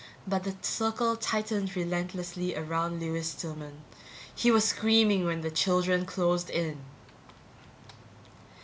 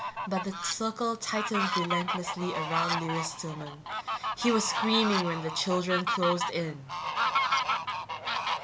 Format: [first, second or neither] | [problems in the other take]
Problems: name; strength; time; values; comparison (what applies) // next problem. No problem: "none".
first | background sound (Fowl); as loud as the speech